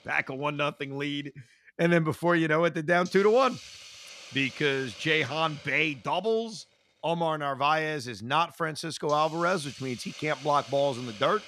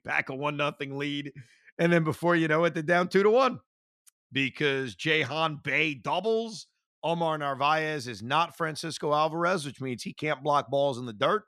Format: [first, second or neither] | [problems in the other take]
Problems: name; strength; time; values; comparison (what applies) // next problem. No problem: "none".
second | hiss; noticeable; throughout; 15 dB below the speech